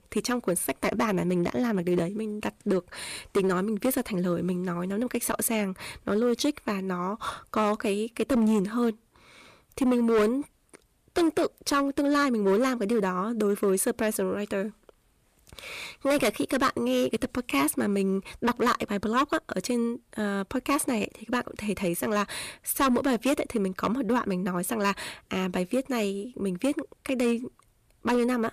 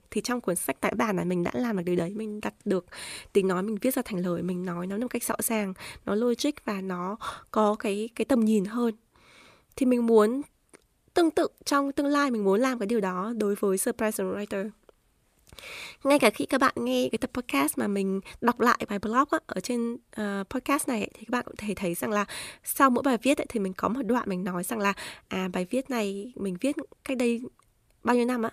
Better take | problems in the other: second | distortion; slight; 6% of the sound clipped

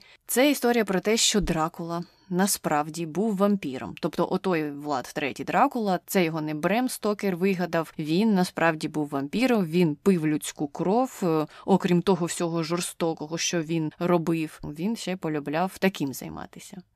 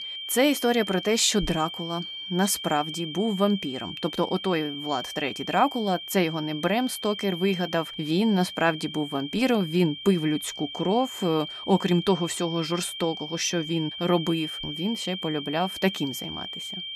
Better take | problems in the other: first | high-pitched whine; loud; throughout; 3 kHz, 8 dB below the speech

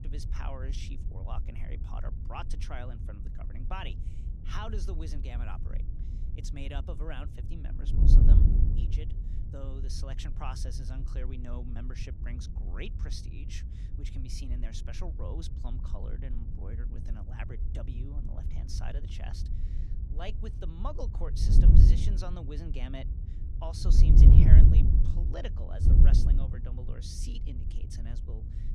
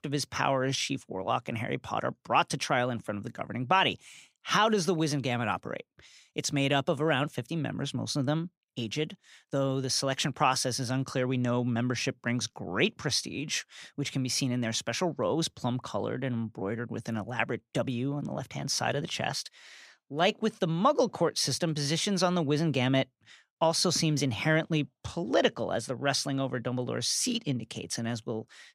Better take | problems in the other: second | wind noise on the microphone; heavy; as loud as the speech

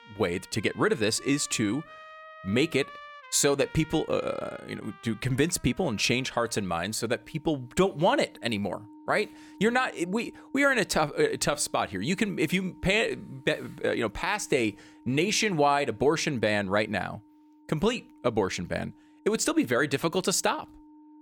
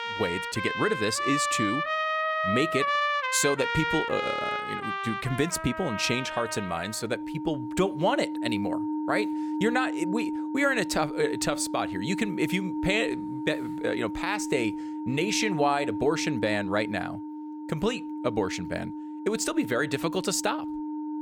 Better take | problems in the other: first | background music; loud; throughout; 3 dB below the speech; faint in the first

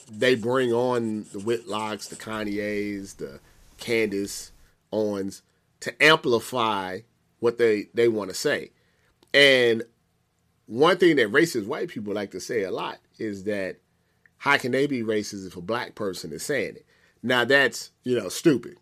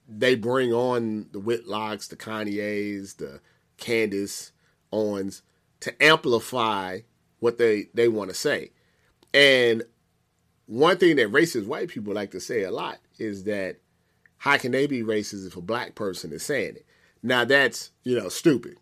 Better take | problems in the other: second | household noises; faint; until 4.5 s; 25 dB below the speech

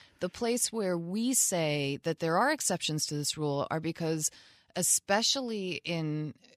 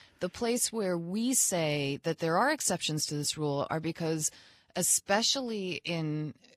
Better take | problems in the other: first | garbled, watery; slightly

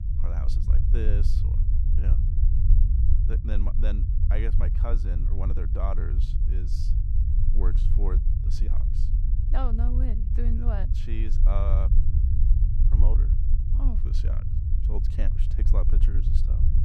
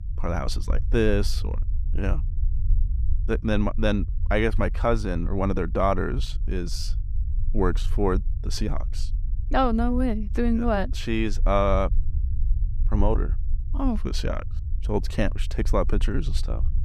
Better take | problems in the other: second | low rumble; loud; throughout; 3 dB below the speech; faint in the second

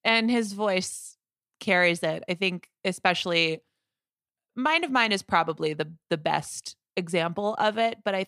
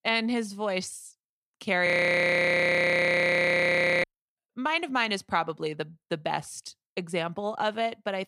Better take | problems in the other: first | audio freezing; at 2 s for 2 s

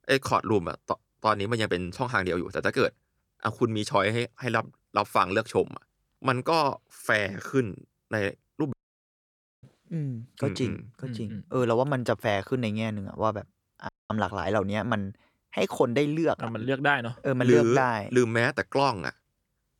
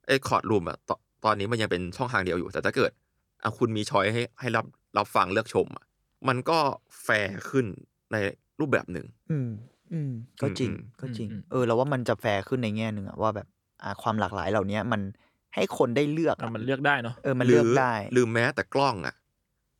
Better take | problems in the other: second | audio cutting out; at 8.5 s for 1 s and at 14 s

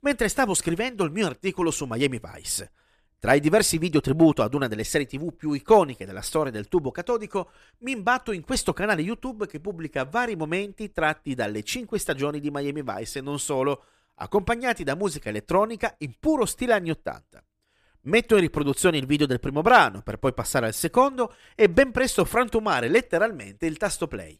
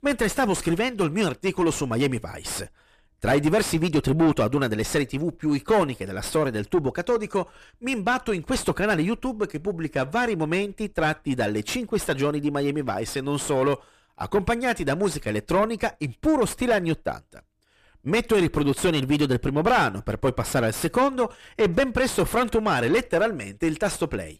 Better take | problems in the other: first | distortion; heavy; 6 dB below the speech

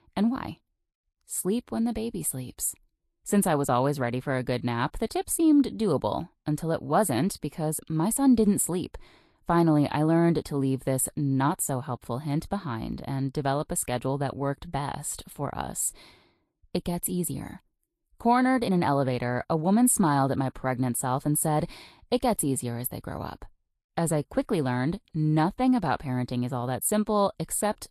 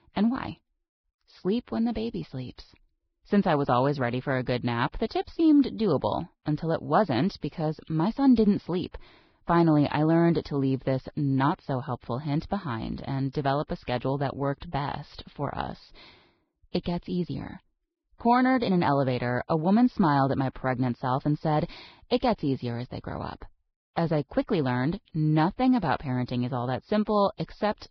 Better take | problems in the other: first | garbled, watery; badly; nothing above 5 kHz; slightly in the first

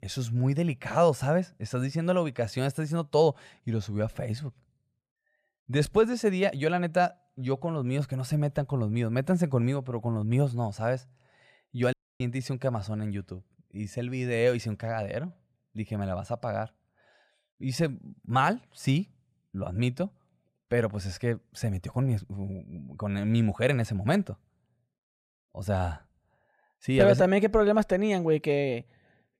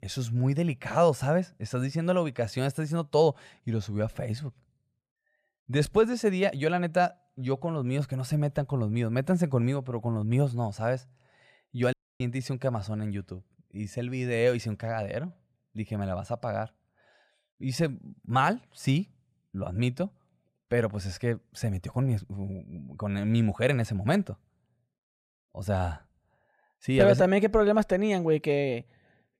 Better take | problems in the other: neither | audio cutting out; at 12 s; the same in both

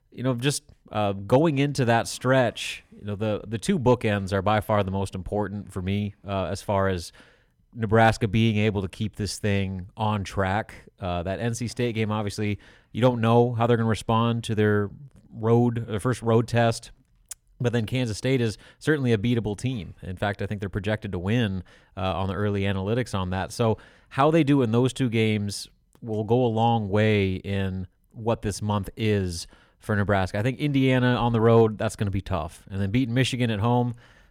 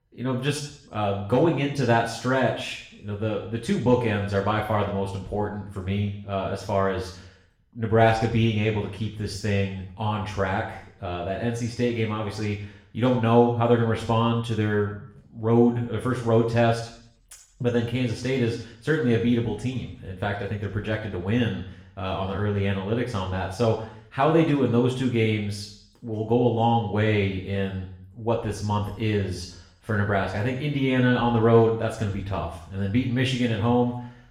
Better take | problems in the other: first | room echo; noticeable; dies away in 0.6 s // off-mic speech; far

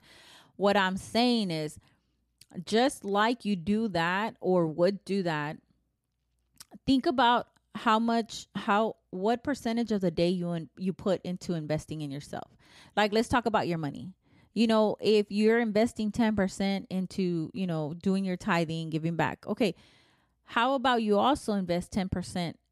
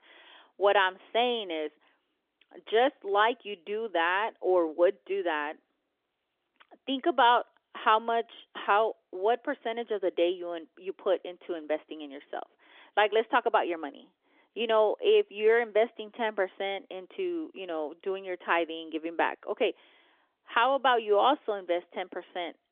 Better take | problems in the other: first | phone-call audio; nothing above 3.5 kHz

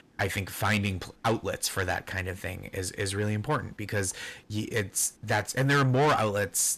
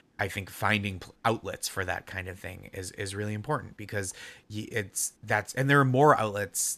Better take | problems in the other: second | distortion; heavy; 7 dB below the speech

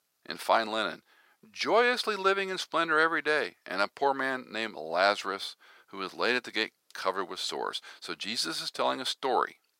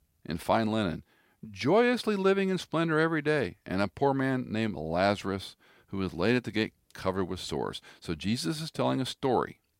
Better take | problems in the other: second | thin; very; fading below 500 Hz

